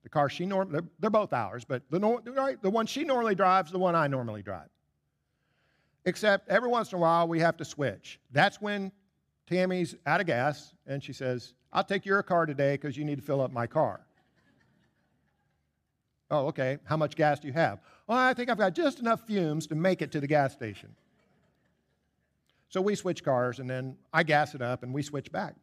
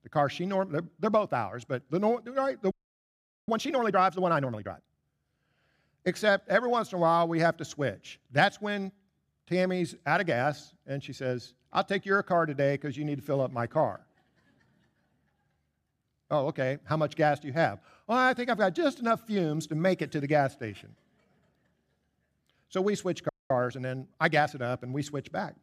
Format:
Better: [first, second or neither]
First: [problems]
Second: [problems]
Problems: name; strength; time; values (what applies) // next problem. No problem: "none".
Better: first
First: none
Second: audio freezing; at 2.5 s for 1 s and at 23 s